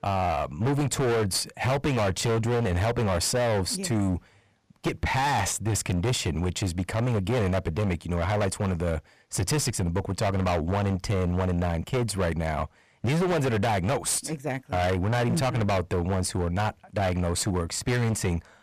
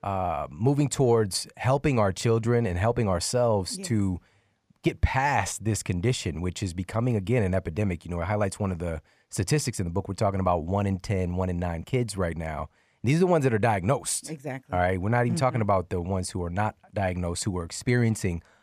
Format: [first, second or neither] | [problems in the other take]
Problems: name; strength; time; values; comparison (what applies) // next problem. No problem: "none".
second | distortion; heavy; 27% of the sound clipped